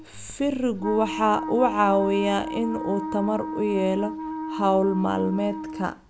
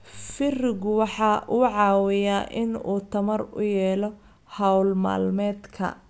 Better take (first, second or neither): second